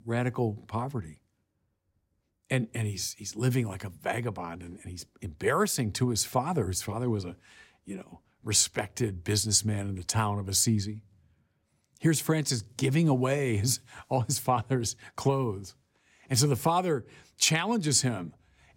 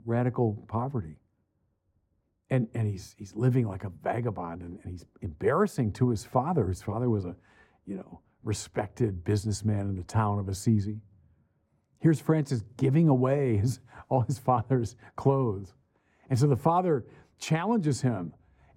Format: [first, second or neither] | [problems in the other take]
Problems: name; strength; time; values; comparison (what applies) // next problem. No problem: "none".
first | muffled; very; fading above 2 kHz